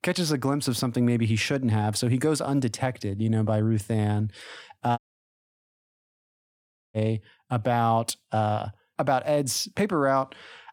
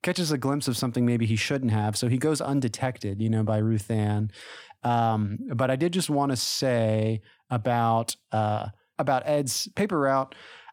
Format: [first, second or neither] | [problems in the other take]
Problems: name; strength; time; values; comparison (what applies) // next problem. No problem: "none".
second | audio cutting out; at 5 s for 2 s